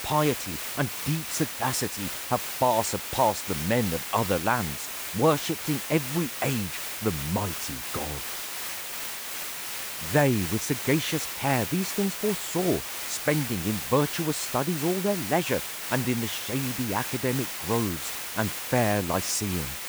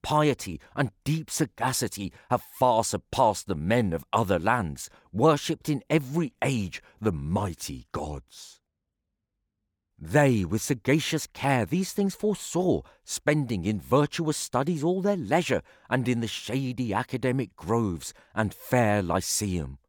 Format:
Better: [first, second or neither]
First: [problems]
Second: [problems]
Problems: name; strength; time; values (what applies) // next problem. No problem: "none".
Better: second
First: hiss; loud; throughout; 4 dB below the speech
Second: none